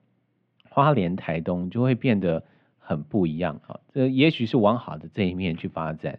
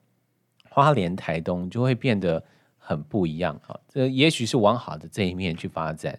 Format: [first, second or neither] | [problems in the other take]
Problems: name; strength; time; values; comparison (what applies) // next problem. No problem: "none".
second | muffled; slightly; fading above 3 kHz